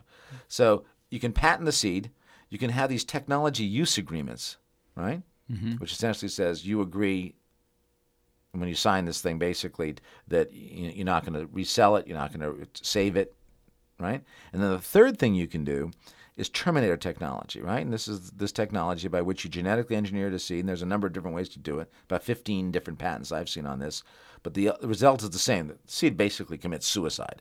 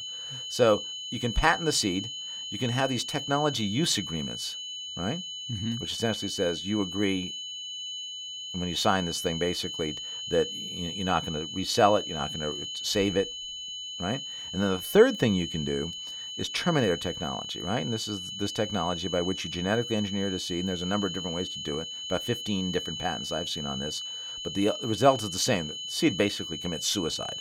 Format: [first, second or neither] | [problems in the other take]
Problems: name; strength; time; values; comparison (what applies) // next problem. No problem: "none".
first | high-pitched whine; loud; throughout; 3 kHz, 5 dB below the speech